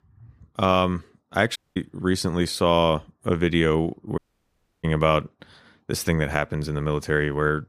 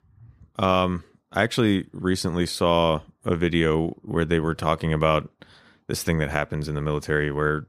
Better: second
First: audio cutting out; at 1.5 s and at 4 s for 0.5 s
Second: none

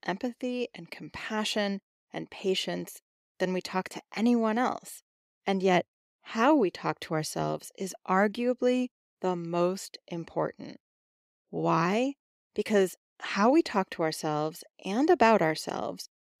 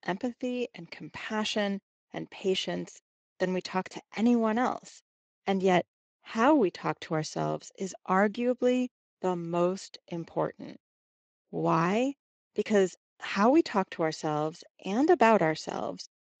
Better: first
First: none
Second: garbled, watery; slightly; nothing above 7.5 kHz

